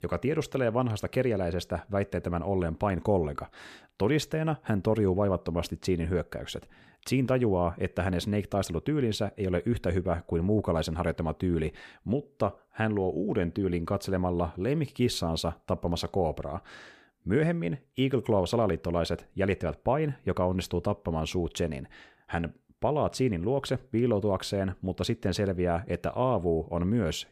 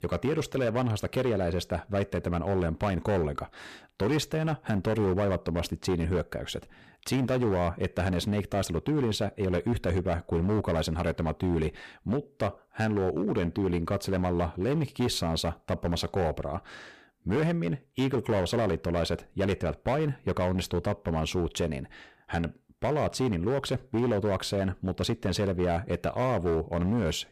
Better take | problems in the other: first | distortion; slight; 11% of the sound clipped

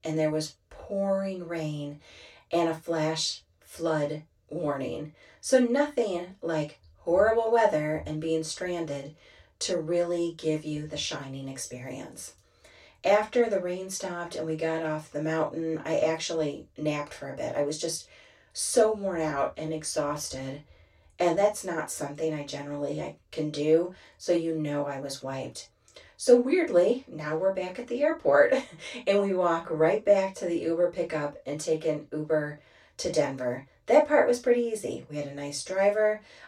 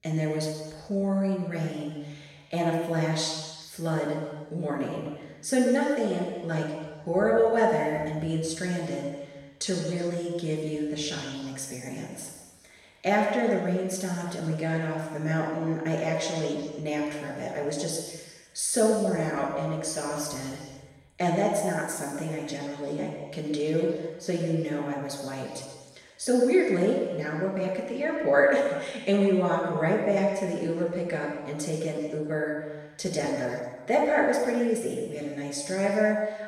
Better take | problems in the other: first | room echo; strong; dies away in 1.3 s; slight in the first // off-mic speech; far; far in the first

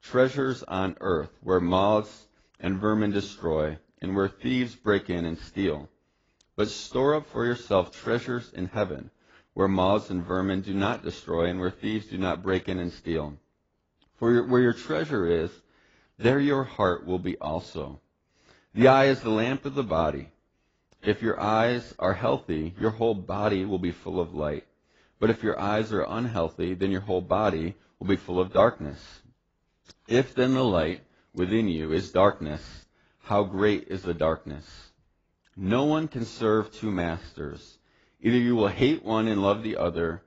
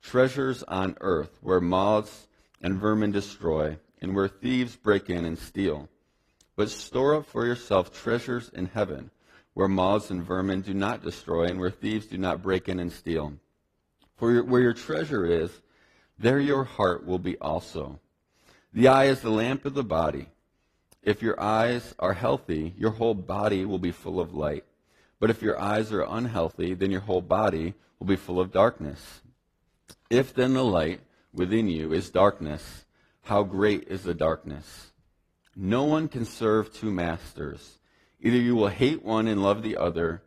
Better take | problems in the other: second | garbled, watery; badly; nothing above 7.5 kHz; slightly in the second

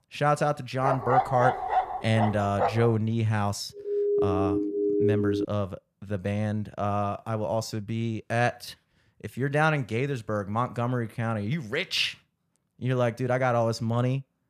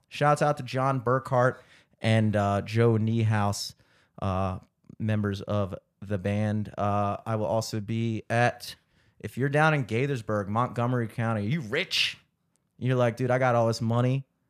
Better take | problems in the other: second | dog barking; loud; from 1 to 3 s; peak 3 dB above the speech // siren; loud; from 4 to 5.5 s; peak 3 dB above the speech

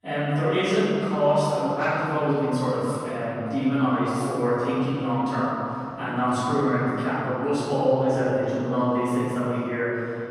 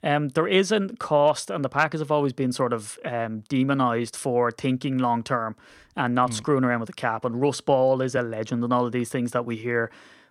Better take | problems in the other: second | off-mic speech; far // room echo; strong; dies away in 2.6 s

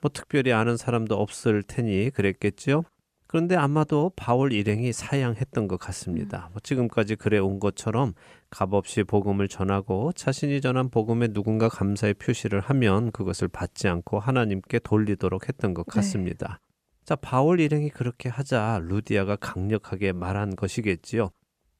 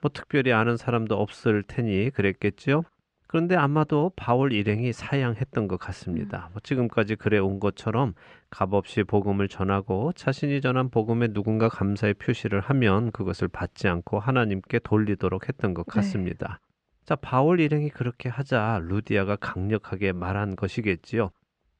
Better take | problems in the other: first | muffled; slightly; fading above 3.5 kHz

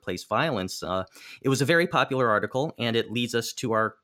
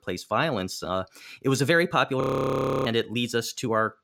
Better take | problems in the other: first | audio freezing; at 2 s for 0.5 s

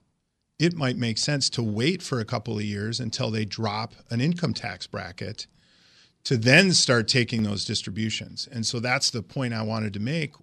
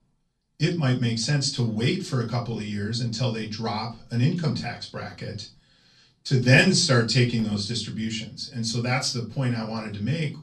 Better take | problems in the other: first | off-mic speech; far // room echo; very slight; dies away in 0.2 s

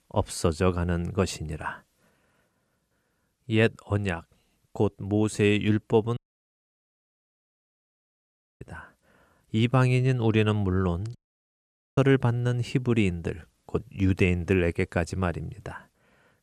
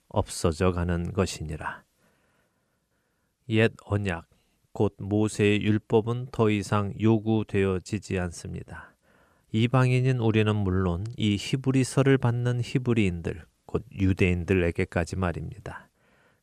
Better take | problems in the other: second | audio cutting out; at 6 s for 2.5 s and at 11 s for 1 s

